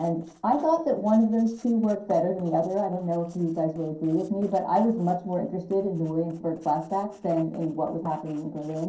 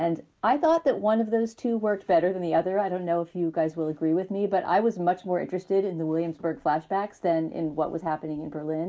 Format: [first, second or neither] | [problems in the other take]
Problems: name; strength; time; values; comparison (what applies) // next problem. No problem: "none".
second | noise reduction (neural separator model SepFormer DNS4)